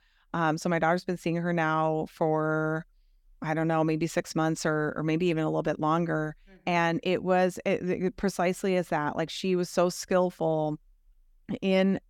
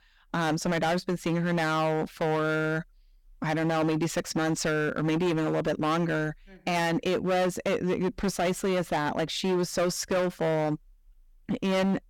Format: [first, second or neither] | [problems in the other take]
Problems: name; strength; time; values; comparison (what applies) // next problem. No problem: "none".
first | distortion; heavy; 18% of the sound clipped